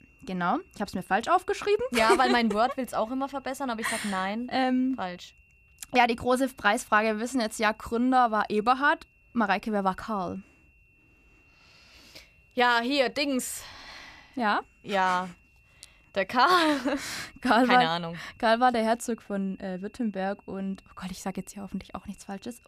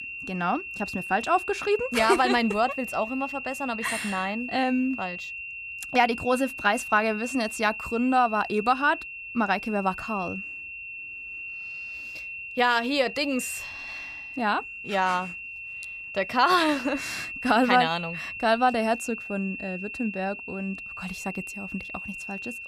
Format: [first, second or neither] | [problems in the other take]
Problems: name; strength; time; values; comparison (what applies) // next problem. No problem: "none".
first | high-pitched whine; loud; throughout; 2.5 kHz, 9 dB below the speech; faint in the first